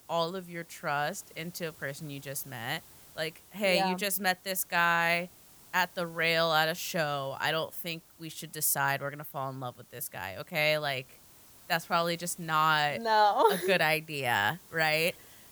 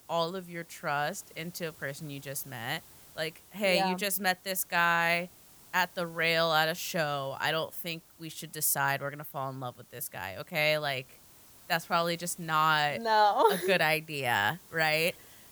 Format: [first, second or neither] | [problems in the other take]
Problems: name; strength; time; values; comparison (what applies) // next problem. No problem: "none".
neither | hiss; faint; throughout; 25 dB below the speech; the same in both